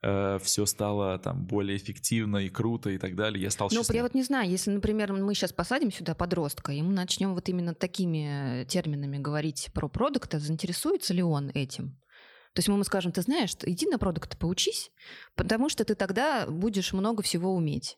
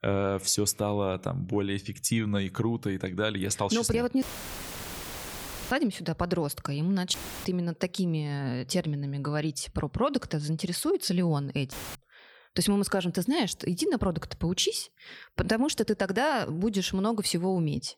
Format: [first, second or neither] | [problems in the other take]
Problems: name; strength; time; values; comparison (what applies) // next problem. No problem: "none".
first | audio cutting out; filled with static; at 4 s for 1.5 s, at 7 s and at 12 s